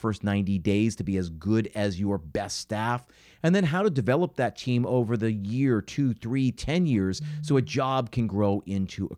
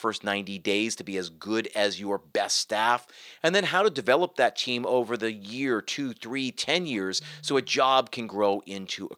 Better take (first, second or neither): first